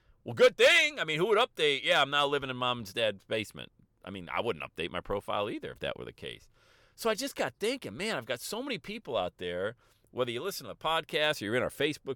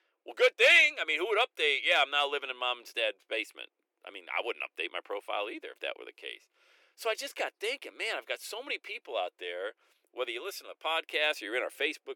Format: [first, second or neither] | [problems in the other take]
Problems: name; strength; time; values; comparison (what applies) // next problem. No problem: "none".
first | thin; very; fading below 300 Hz